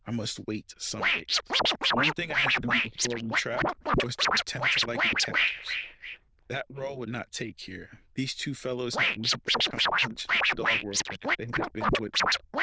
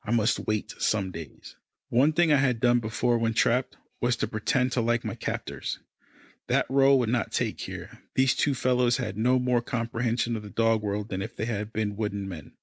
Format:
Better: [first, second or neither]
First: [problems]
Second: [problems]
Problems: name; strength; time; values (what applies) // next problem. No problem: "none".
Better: second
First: noise reduction (neural diffusion model UNIVERSE++)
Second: none